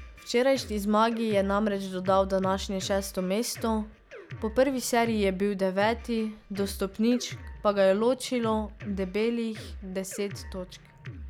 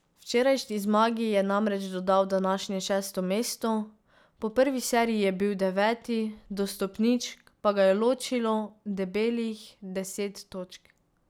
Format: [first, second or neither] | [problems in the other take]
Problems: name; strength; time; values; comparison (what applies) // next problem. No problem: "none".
second | background sound (Drum kit); 16 dB below the speech